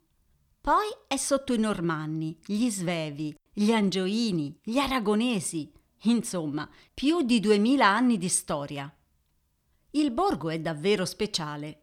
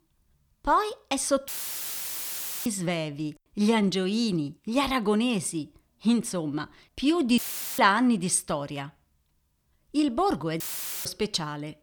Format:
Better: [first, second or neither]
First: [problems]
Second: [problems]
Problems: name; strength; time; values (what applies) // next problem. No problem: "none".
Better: first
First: none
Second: audio cutting out; filled with static; at 1.5 s for 1 s, at 7.5 s and at 11 s